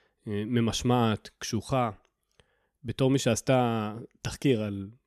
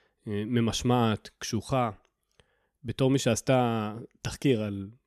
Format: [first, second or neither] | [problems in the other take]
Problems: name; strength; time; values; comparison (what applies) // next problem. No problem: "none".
neither | none